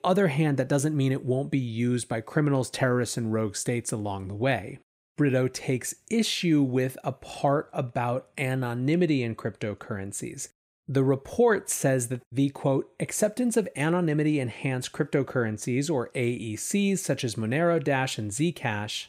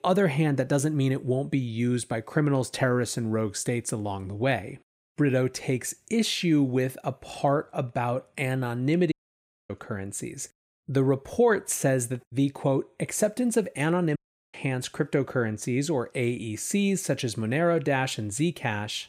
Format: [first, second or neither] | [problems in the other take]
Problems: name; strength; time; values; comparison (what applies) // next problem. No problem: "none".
first | audio cutting out; at 9 s for 0.5 s and at 14 s